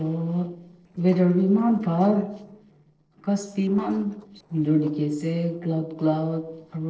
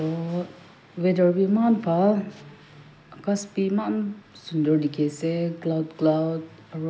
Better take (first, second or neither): second